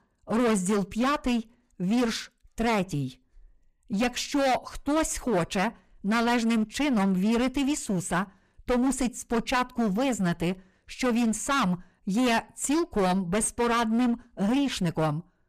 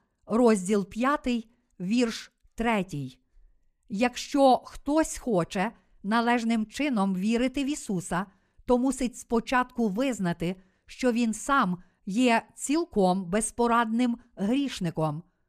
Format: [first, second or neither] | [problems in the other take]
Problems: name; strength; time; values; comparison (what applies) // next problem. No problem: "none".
second | distortion; heavy; 19% of the sound clipped